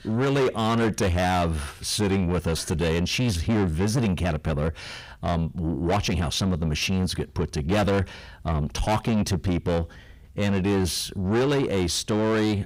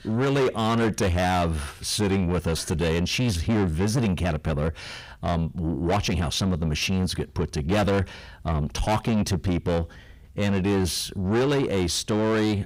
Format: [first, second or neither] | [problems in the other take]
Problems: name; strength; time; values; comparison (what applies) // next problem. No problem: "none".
neither | distortion; heavy; 7 dB below the speech; the same in both